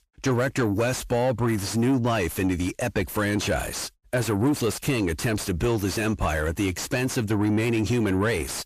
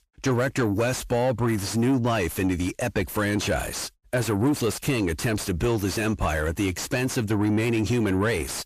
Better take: neither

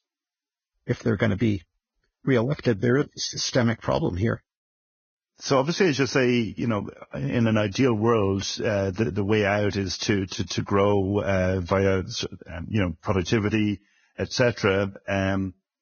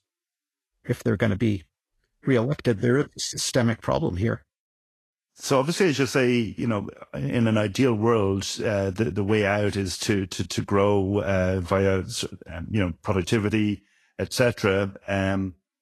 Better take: second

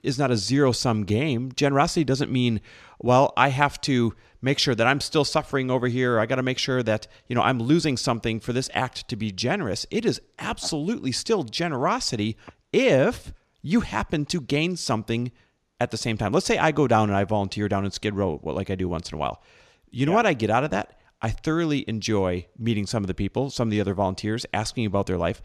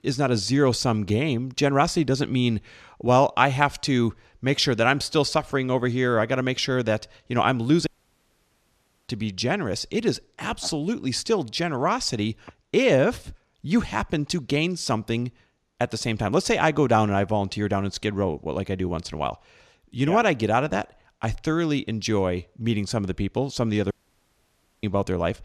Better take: first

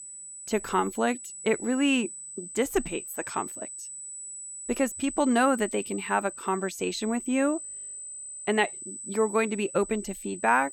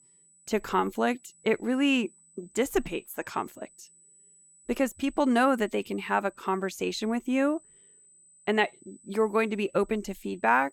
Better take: second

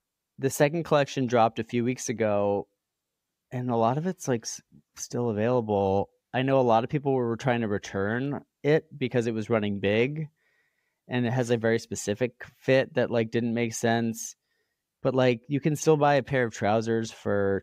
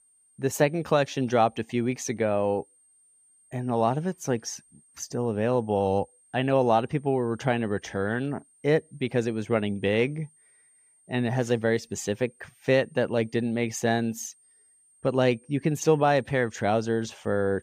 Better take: first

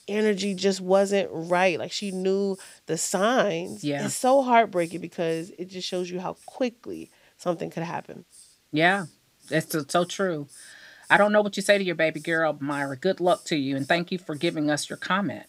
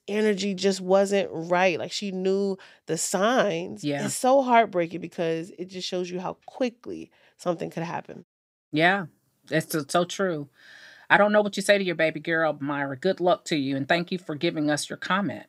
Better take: second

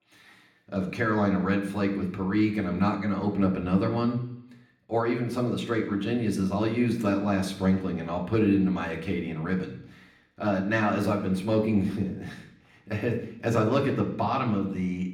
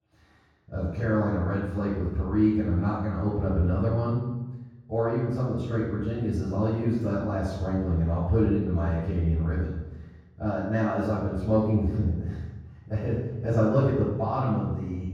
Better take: first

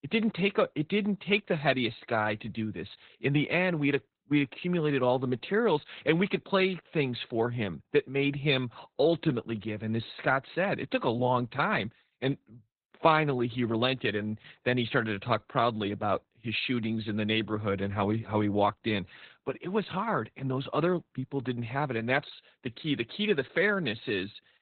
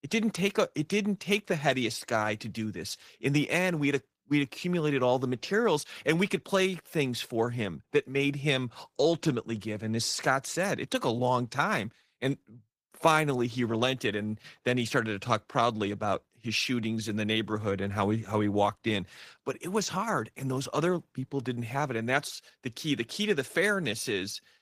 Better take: second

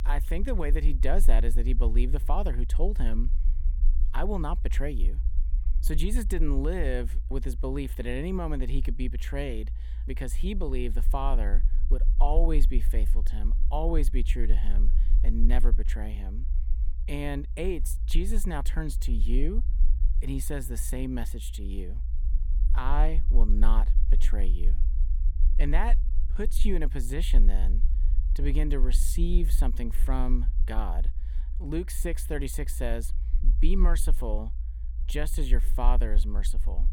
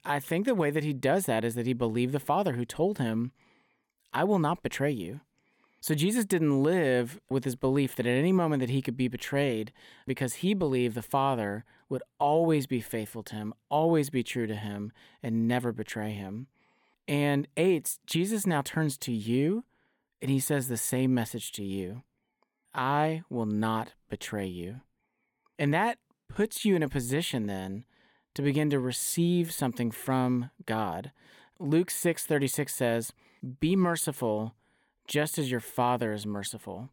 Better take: second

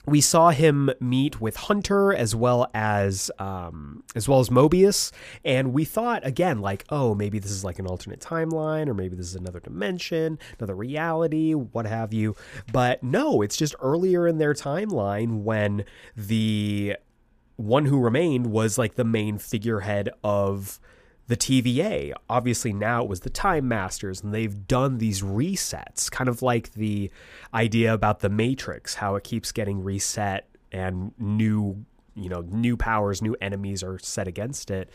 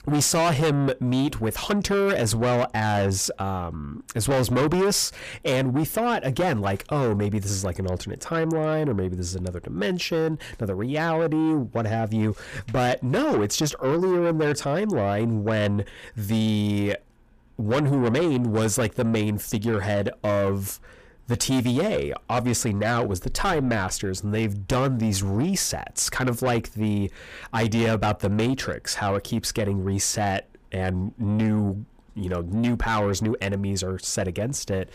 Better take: first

